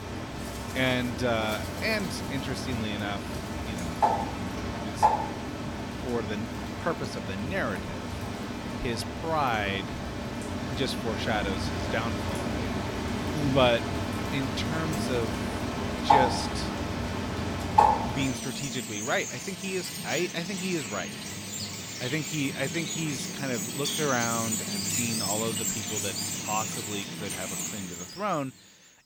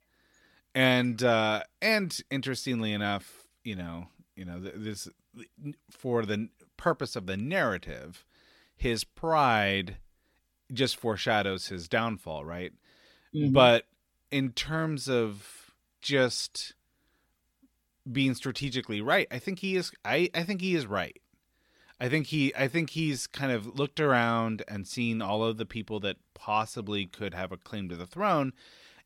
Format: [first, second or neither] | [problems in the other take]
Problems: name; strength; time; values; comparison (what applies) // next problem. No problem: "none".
second | animal sounds; very loud; throughout; 1 dB above the speech